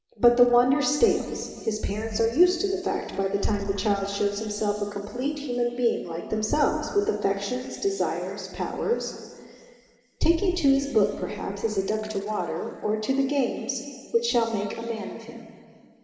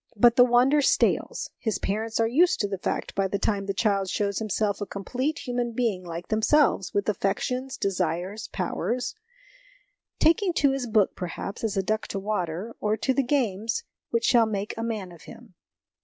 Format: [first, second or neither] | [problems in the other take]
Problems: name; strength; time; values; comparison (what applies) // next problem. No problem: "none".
second | room echo; dies away in 2.3 s